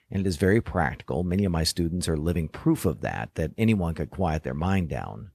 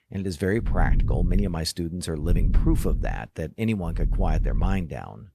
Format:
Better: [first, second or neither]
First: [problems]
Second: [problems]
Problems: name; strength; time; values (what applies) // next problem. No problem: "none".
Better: first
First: none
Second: low rumble; noticeable; at 0.5 s, at 2.5 s and at 4 s; 10 dB below the speech